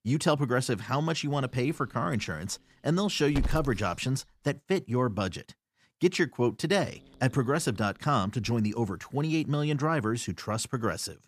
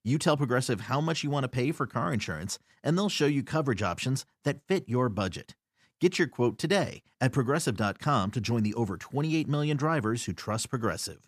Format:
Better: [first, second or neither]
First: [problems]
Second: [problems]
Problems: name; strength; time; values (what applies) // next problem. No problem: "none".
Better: second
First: hiss; noticeable; from 1.5 to 4.5 s and from 6.5 to 9 s; 10 dB below the speech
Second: none